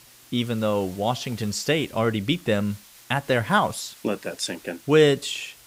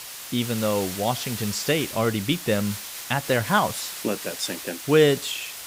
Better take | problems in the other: first | hiss; loud; throughout; 8 dB below the speech; faint in the first

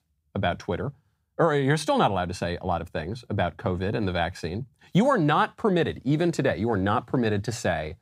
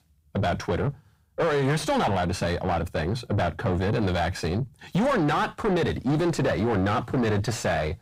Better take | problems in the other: first | distortion; heavy; 5 dB below the speech

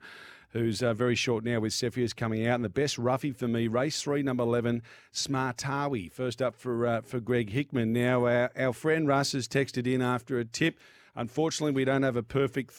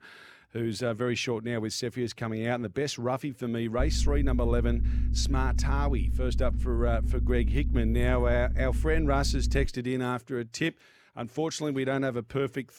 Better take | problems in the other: first | low rumble; noticeable; from 4 to 9.5 s; 15 dB below the speech

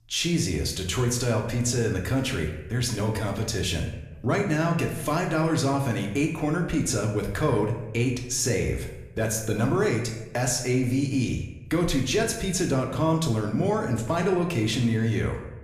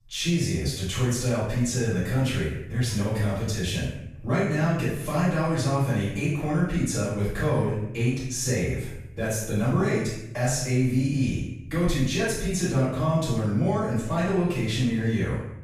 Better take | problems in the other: first | room echo; strong; dies away in 0.8 s; slight in the first // off-mic speech; far; somewhat distant in the first

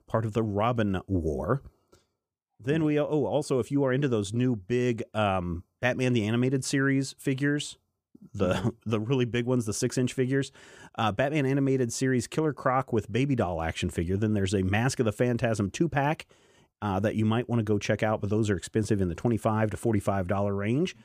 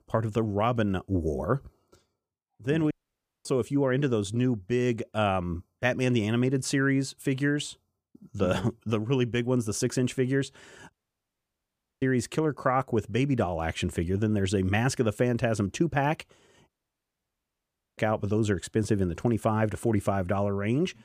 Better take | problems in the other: first | audio cutting out; at 3 s for 0.5 s, at 11 s for 1 s and at 17 s for 1.5 s

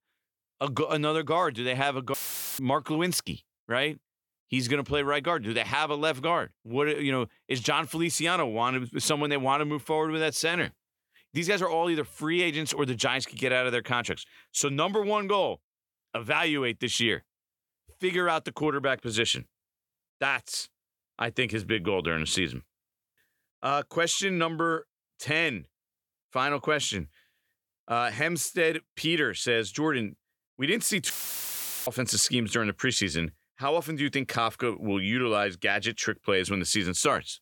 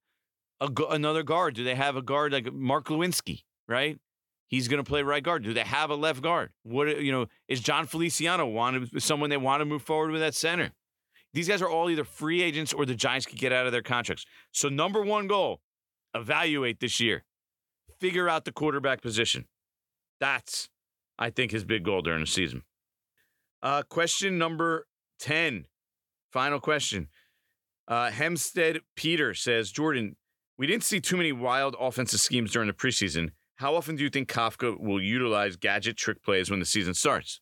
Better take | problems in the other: second | audio cutting out; filled with static; at 2 s and at 31 s for 1 s

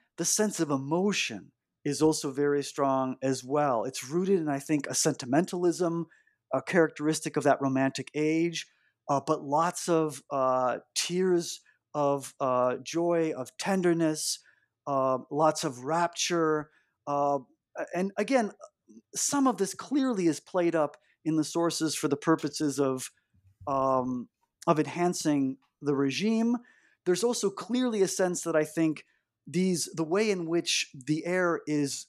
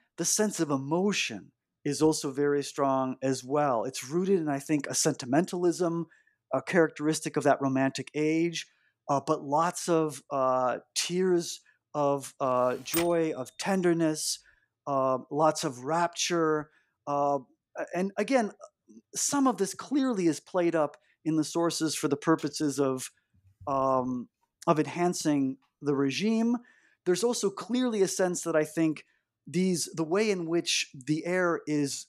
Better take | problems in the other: first | keyboard typing; noticeable; at 13 s; peak 5 dB below the speech

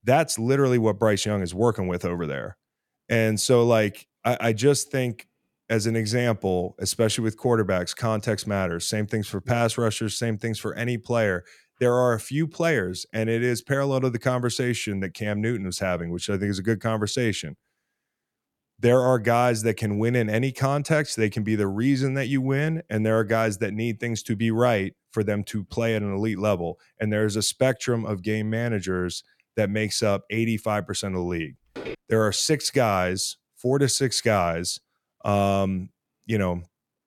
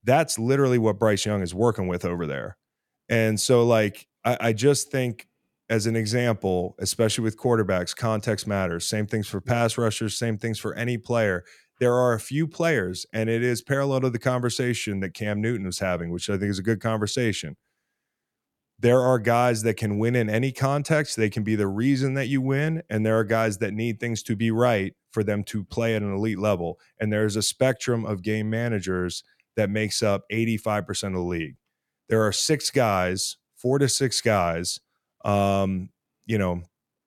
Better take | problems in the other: second | footsteps; faint; at 32 s; peak 10 dB below the speech

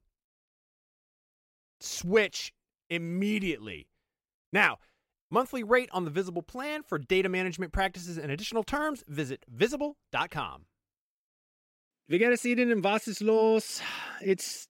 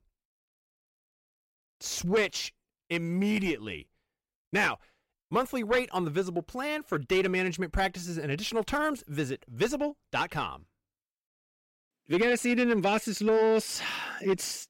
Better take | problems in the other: first | distortion; slight; 10 dB below the speech

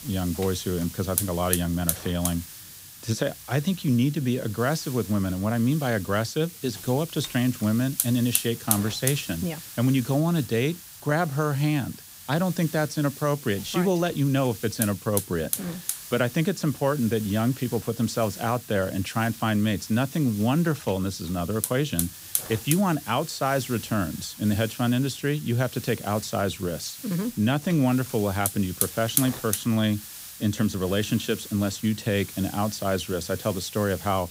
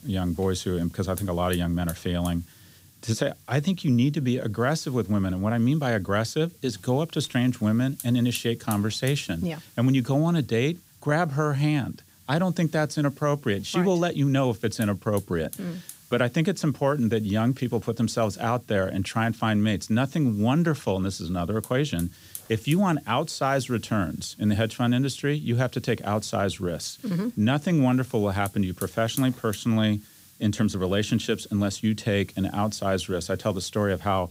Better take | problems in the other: second | hiss; loud; throughout; 8 dB below the speech; faint in the second

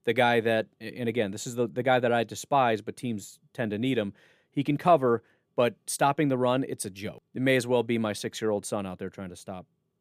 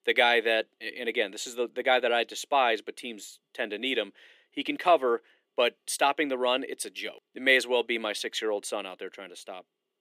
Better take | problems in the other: first | thin; somewhat; fading below 300 Hz

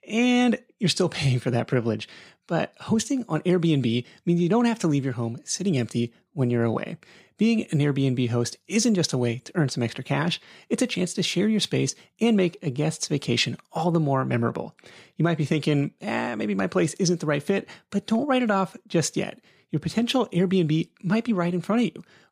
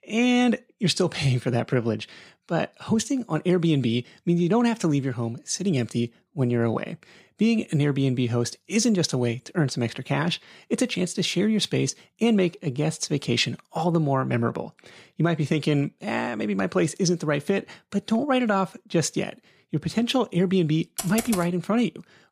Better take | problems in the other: first | keyboard typing; noticeable; at 21 s; peak 6 dB below the speech

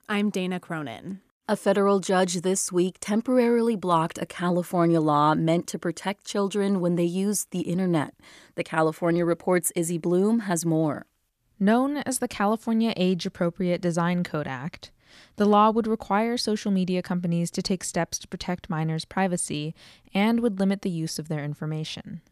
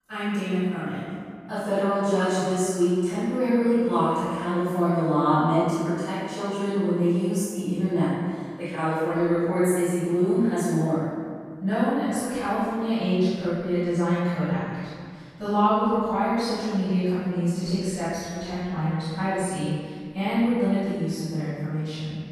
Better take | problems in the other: first | off-mic speech; far // room echo; strong; dies away in 1.8 s

